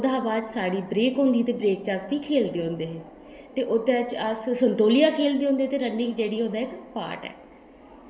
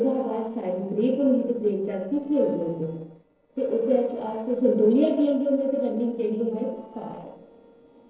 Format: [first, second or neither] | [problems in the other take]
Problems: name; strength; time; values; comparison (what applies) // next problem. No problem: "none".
first | noise reduction (neural separator model SepFormer DNS4)